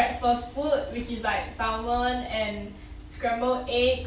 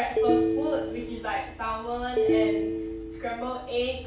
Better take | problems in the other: first | background sound (Telephone); 3 dB above the speech // room echo; dies away in 0.5 s

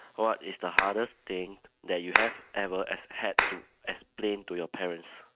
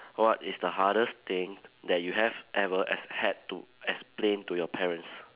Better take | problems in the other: second | noise reduction (neural mask model RNNoise)

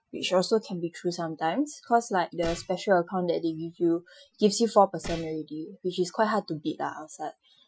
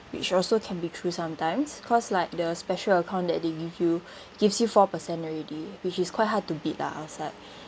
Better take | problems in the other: second | noise reduction (classical method Wiener filter)

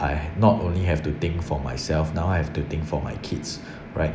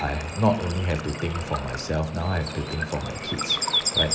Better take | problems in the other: first | background sound (Water / Bird); 3 dB below the speech

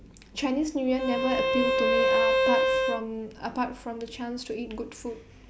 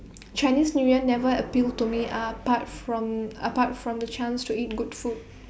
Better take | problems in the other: second | background sound (Bowed string instrument); 5 dB above the speech

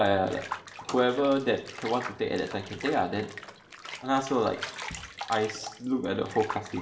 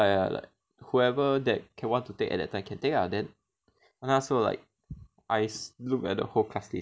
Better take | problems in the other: second | background sound (Bathtub (filling or washing) / Water); 12 dB below the speech // room echo; dies away in 0.7 s

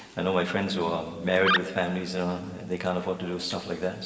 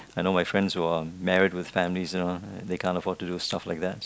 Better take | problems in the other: second | background sound (Animal); 1 dB below the speech // room echo; dies away in 1.9 s

